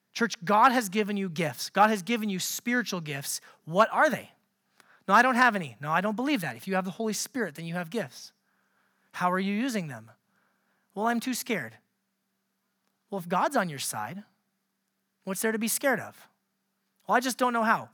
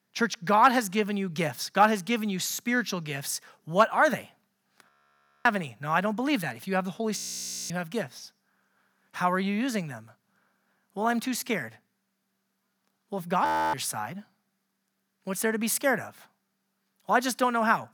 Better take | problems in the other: first | audio freezing; at 5 s for 0.5 s, at 7 s for 0.5 s and at 13 s

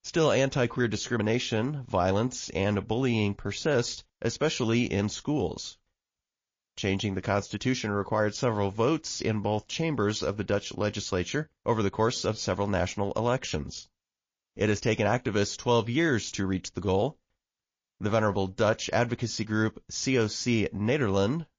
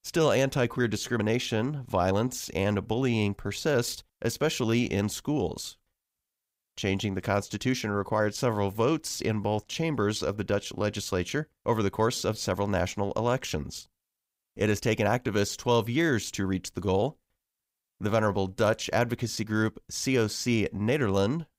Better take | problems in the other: second | garbled, watery; slightly; nothing above 6.5 kHz

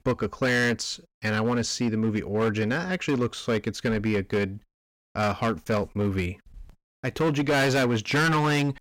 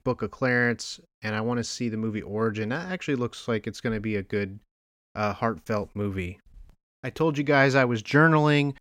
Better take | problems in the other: second | distortion; heavy; 13% of the sound clipped

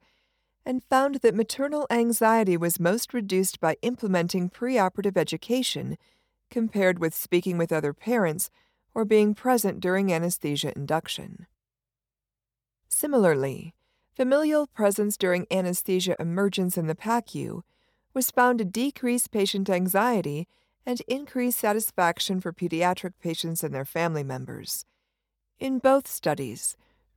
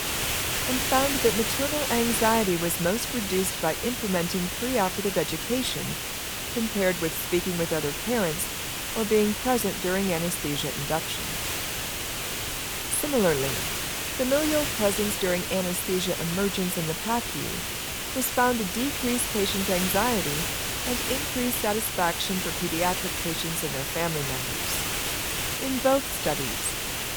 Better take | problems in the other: first | hiss; loud; throughout; 1 dB below the speech

